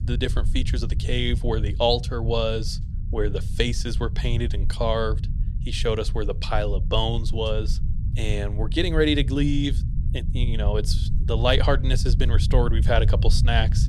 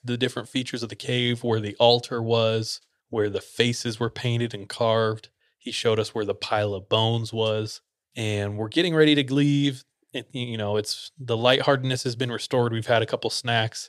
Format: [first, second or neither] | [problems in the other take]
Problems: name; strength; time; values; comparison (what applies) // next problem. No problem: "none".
second | low rumble; noticeable; throughout; 15 dB below the speech